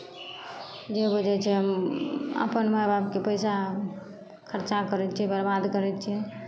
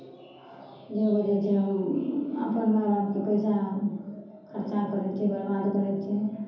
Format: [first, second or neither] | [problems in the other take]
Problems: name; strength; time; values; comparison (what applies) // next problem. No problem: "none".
first | room echo; dies away in 0.9 s